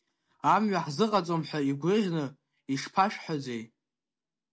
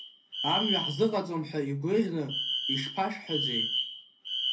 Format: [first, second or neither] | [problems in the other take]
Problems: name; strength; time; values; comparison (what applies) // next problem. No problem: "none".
first | background sound (Alarm); 2 dB below the speech // room echo; dies away in 0.3 s